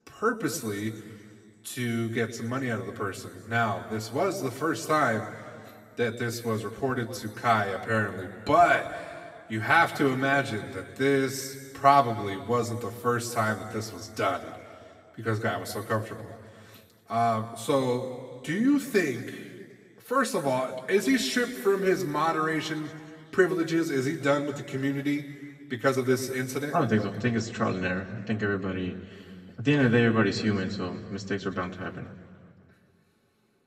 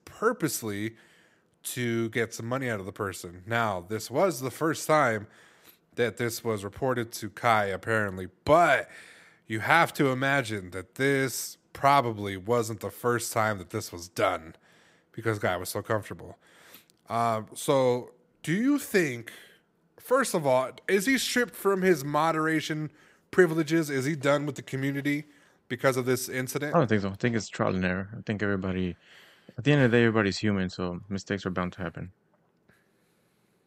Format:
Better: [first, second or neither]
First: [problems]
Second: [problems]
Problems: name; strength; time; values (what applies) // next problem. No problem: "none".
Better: second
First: room echo; slight; dies away in 1.6 s // off-mic speech; far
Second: none